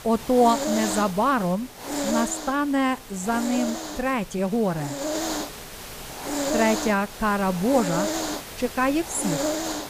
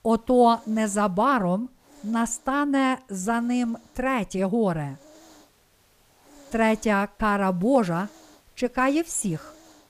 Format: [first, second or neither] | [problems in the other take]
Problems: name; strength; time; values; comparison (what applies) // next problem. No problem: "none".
second | hiss; loud; throughout; 5 dB below the speech; faint in the second